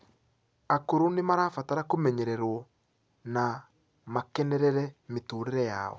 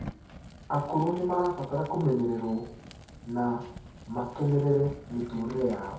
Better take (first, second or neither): first